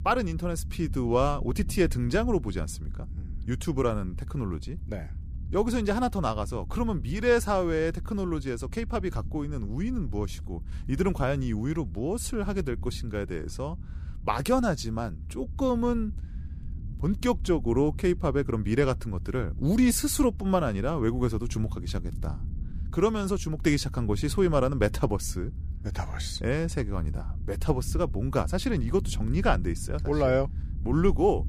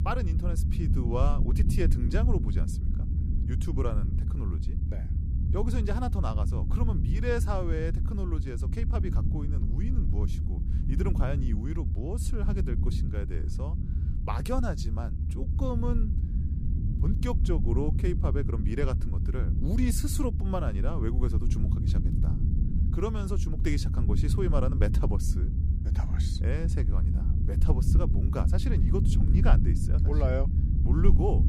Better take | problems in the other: first | low rumble; loud; throughout; 6 dB below the speech; faint in the first

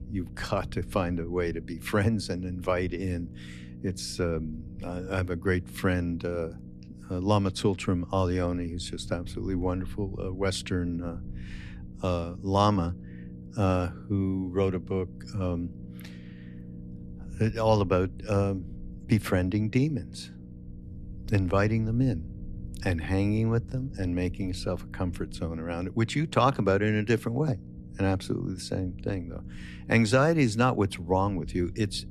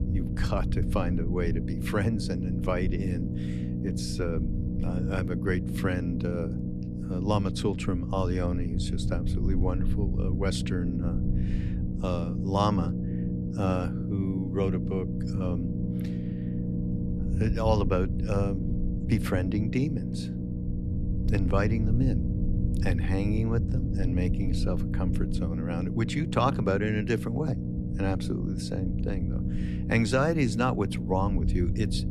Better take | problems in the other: first | low rumble; loud; throughout; 7 dB below the speech; faint in the first

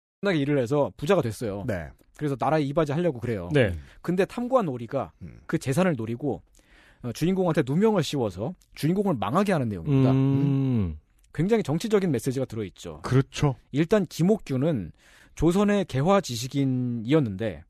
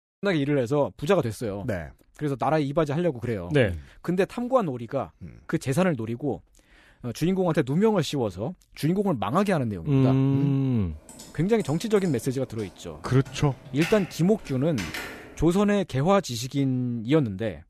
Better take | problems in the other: first | keyboard typing; noticeable; from 11 to 15 s; peak 8 dB below the speech

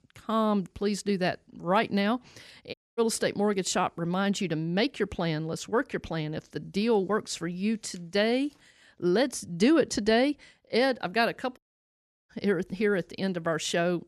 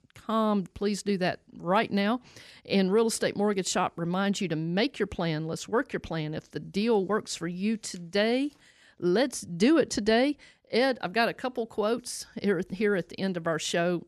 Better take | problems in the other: second | audio cutting out; at 2.5 s and at 12 s for 0.5 s

